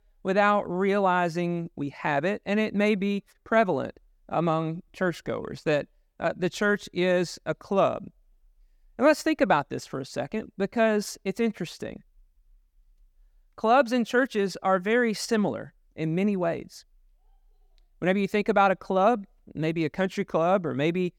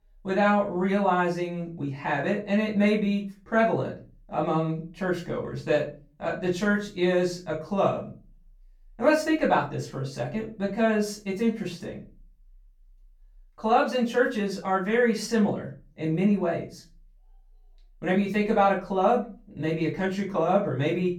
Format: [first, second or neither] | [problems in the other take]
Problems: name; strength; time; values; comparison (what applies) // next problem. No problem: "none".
first | off-mic speech; far // room echo; slight; dies away in 0.3 s